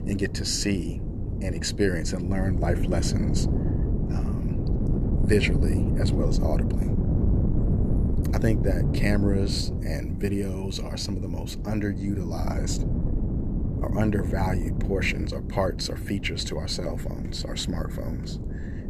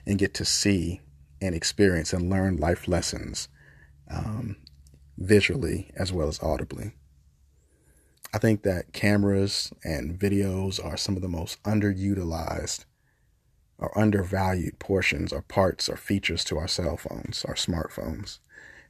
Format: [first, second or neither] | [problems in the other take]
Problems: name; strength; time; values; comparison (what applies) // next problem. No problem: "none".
second | wind noise on the microphone; heavy; 6 dB below the speech